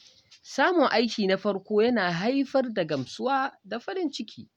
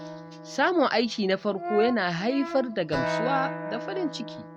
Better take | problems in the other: first | background sound (Acoustic guitar + Brass instrument); 7 dB below the speech

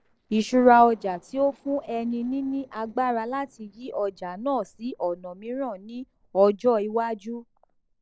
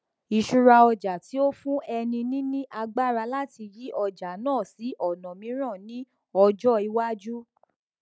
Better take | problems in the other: second | noise reduction (neural separator model SepFormer DNS4)

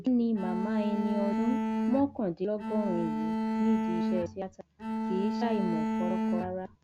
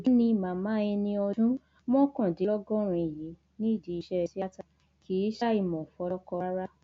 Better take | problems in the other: second | background sound (Bowed string instrument); 1 dB above the speech

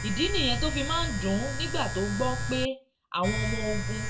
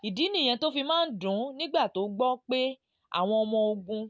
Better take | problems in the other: second | background sound (Domestic sounds, home sounds); 1 dB below the speech // room echo; dies away in 0.2 s

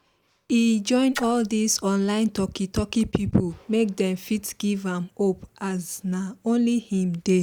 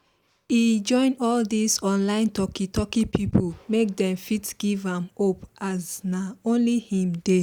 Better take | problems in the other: second | background sound (Splash, splatter); 15 dB below the speech

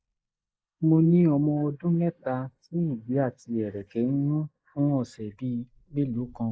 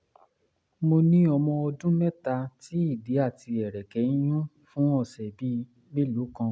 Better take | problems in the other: second | noise reduction (neural mask model Resemble Enhance denoiser)

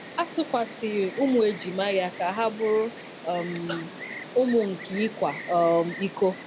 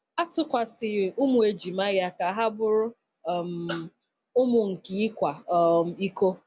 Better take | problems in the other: second | background sound (Insect); 14 dB below the speech

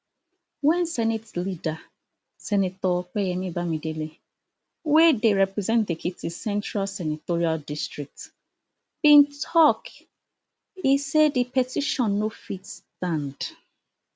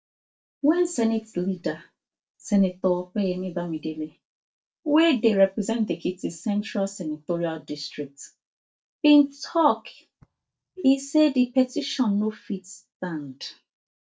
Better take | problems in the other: first | noise reduction (neural mask model DeepFilterNet 3)

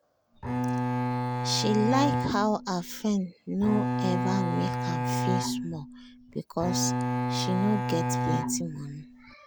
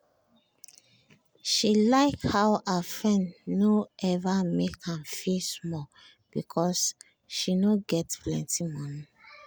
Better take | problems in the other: second | background sound (Bowed string instrument); 1 dB above the speech

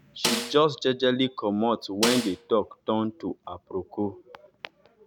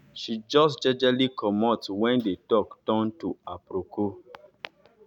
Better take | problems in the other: second | background sound (Snare drum); 5 dB below the speech

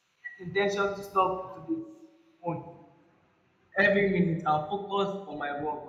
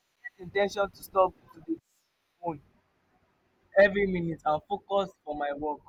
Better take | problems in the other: second | room echo; dies away in 0.8 s

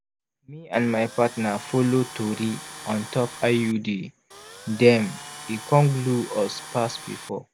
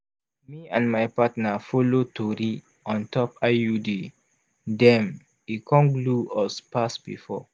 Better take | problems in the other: second | background sound (Tools); 15 dB below the speech

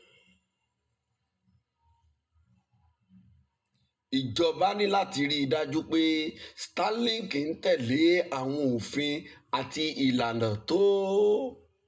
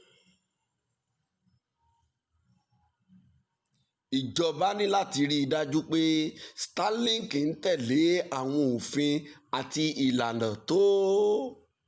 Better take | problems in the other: second | room echo; dies away in 0.2 s

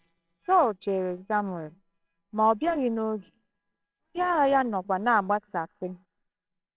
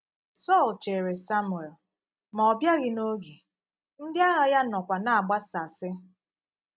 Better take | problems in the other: second | noise reduction (neural separator model SepFormer WHAMR!)

